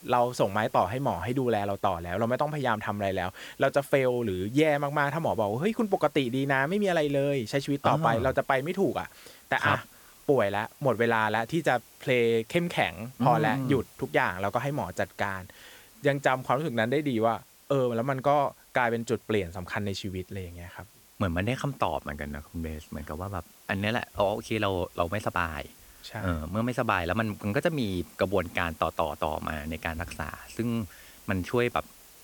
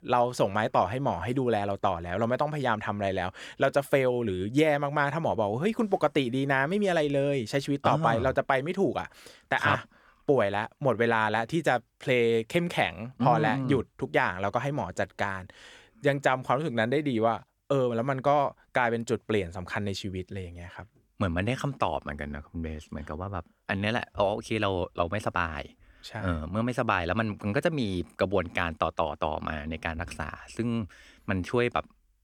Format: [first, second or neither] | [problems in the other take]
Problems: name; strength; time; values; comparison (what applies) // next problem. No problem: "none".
second | hiss; faint; throughout; 25 dB below the speech